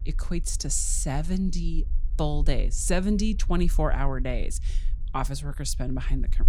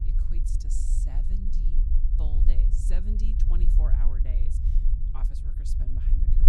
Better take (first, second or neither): first